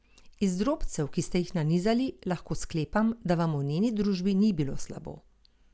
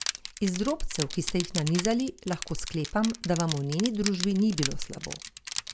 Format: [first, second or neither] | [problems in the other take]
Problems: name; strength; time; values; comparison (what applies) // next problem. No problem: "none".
first | background sound (Crushing); 8 dB below the speech